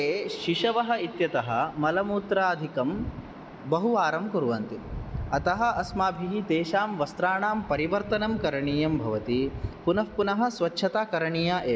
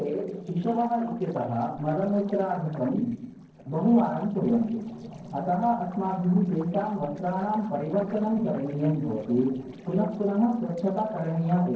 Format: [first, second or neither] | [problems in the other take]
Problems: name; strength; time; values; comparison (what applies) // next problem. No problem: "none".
first | noise reduction (neural separator model SepFormer DNS4)